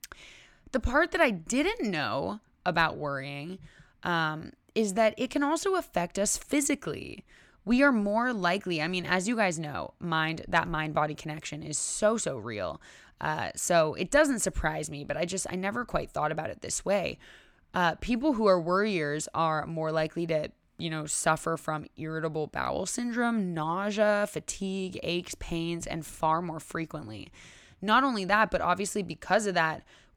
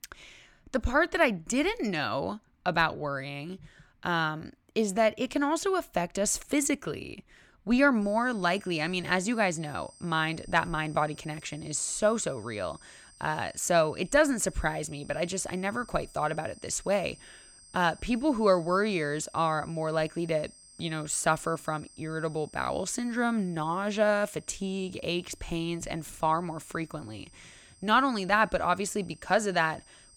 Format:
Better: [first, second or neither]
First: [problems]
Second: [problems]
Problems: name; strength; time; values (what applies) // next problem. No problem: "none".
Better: first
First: none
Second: high-pitched whine; faint; from 8 s on; 8.5 kHz, 25 dB below the speech